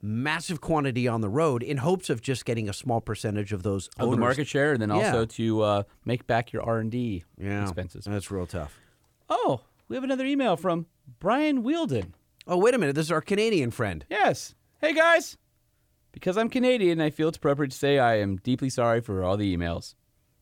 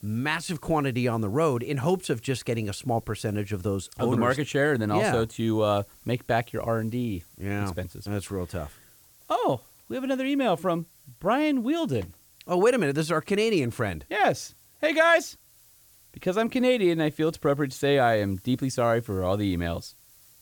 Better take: first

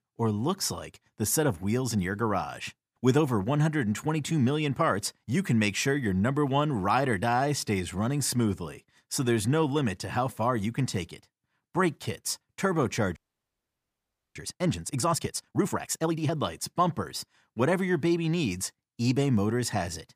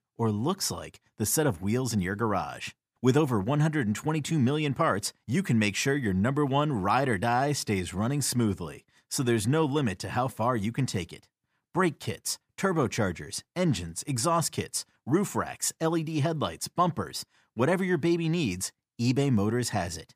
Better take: second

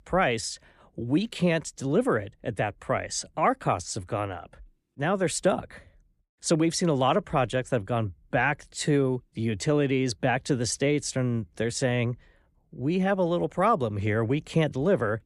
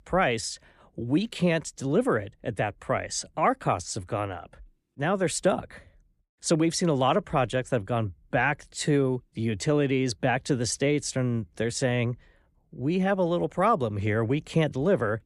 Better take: neither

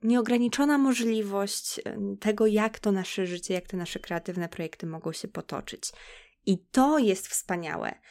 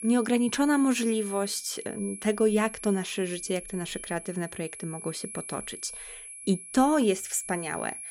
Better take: first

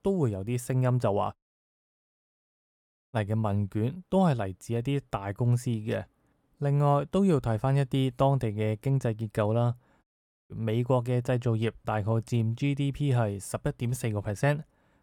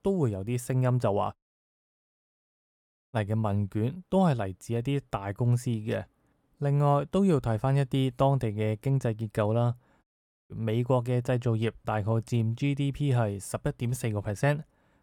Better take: neither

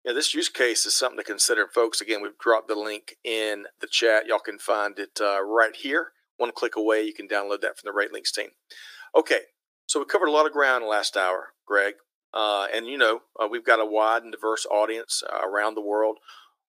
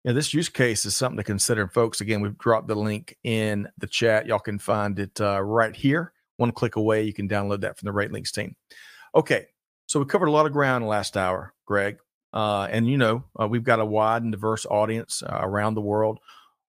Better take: second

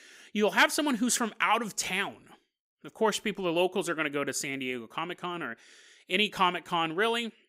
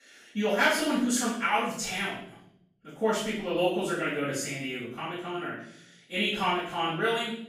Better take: first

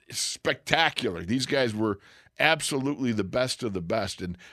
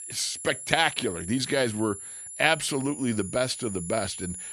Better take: first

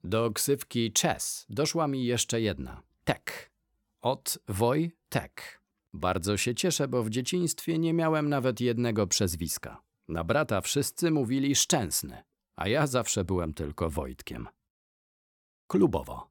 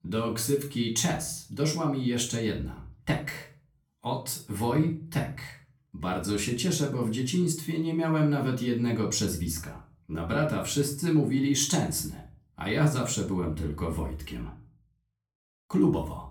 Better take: first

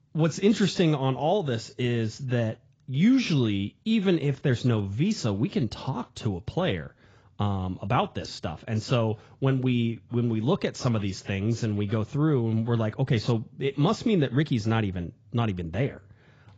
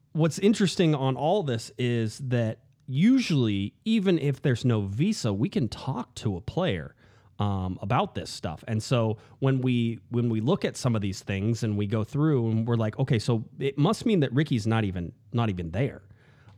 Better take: second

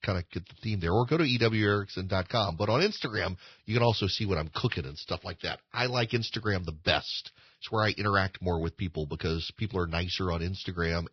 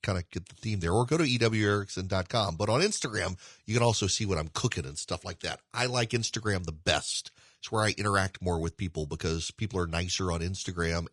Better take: second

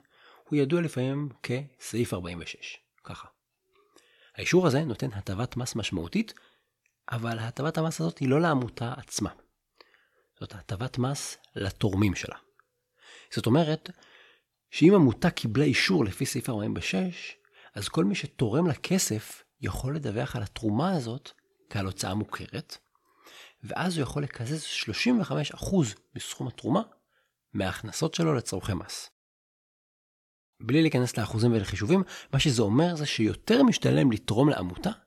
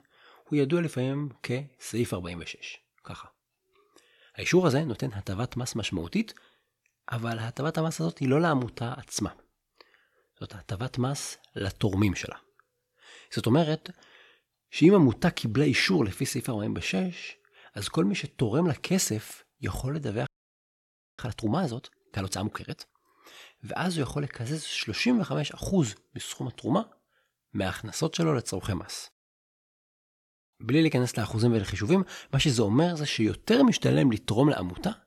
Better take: first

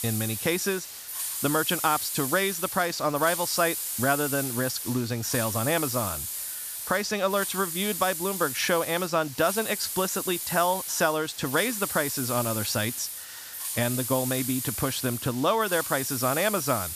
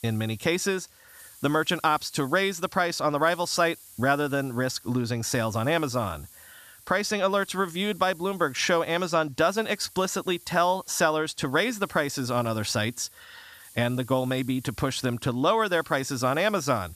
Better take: second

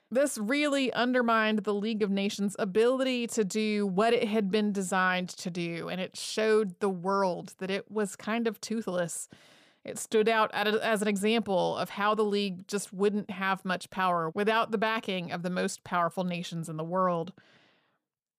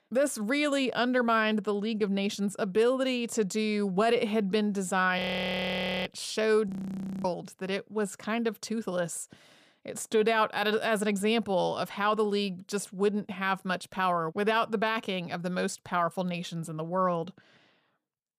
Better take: first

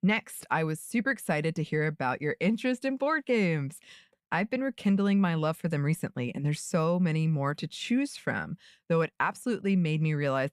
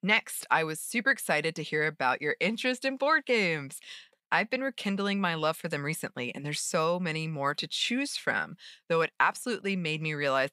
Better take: first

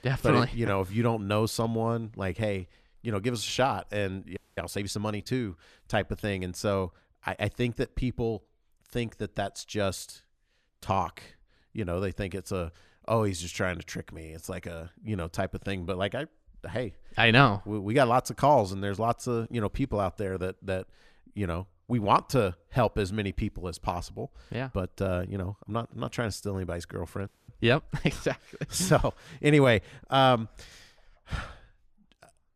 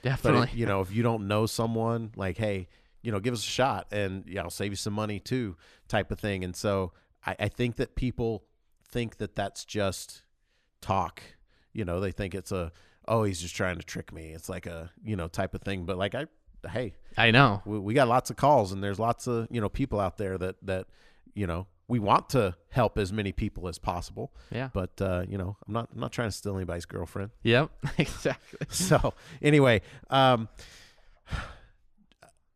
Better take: second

